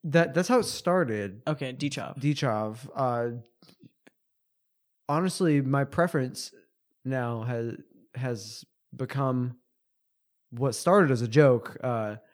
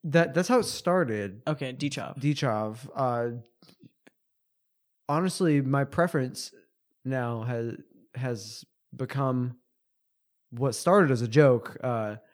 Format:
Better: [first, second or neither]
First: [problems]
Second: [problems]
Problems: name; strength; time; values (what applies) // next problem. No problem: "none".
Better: neither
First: none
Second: none